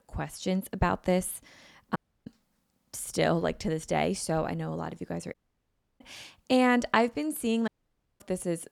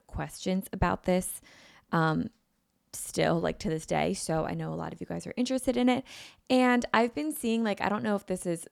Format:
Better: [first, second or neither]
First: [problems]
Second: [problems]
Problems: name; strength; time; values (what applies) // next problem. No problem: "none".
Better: second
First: audio cutting out; at 2 s, at 5.5 s for 0.5 s and at 7.5 s for 0.5 s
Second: none